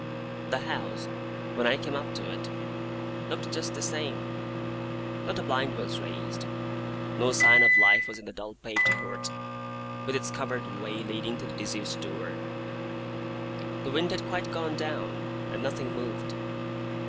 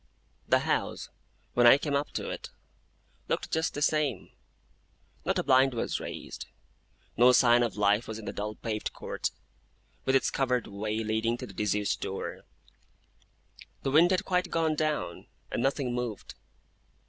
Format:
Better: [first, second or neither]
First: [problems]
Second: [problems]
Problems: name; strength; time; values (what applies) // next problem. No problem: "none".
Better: second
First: background sound (Microwave oven); 4 dB above the speech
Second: none